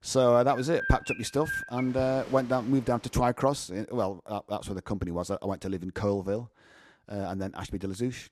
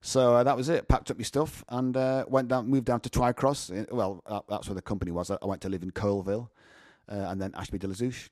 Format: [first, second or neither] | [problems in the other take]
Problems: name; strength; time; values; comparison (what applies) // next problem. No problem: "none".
second | animal sounds; loud; until 3 s; 9 dB below the speech